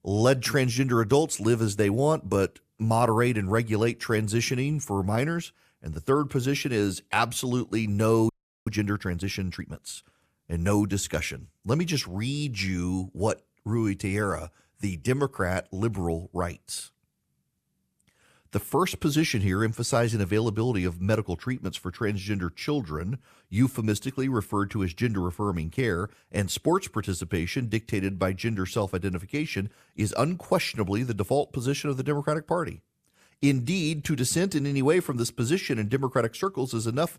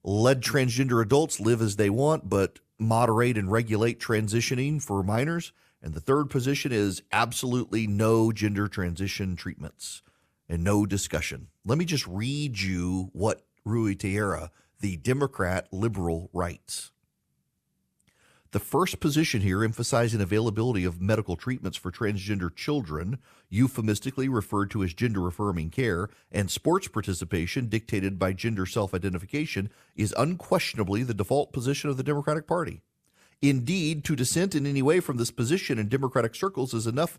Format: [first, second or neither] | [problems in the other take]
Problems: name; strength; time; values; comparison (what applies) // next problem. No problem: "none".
second | audio freezing; at 8.5 s